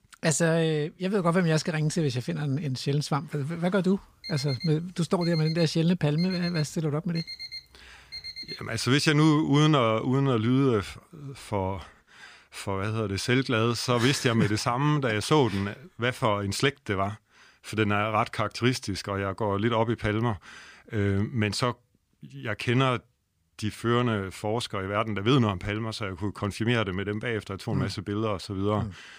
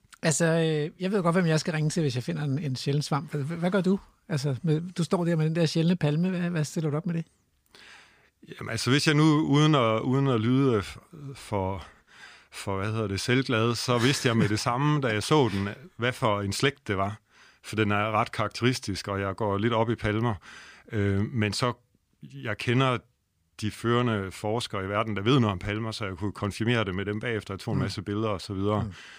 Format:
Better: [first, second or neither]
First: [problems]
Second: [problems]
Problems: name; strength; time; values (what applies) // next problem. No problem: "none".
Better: second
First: alarm; noticeable; from 4 to 8.5 s; peak 9 dB below the speech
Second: none